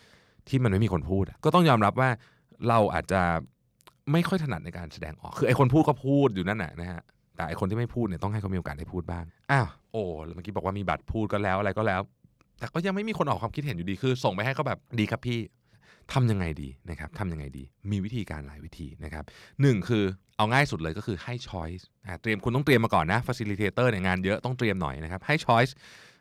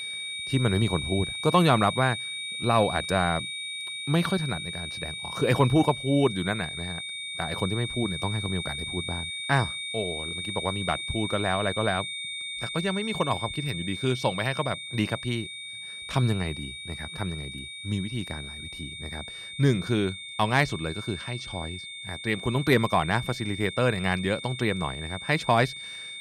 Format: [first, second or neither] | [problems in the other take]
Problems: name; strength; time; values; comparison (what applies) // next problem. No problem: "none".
first | high-pitched whine; loud; throughout; 3.5 kHz, 6 dB below the speech